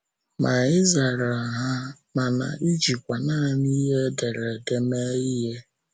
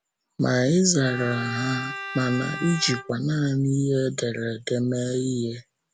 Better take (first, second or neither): first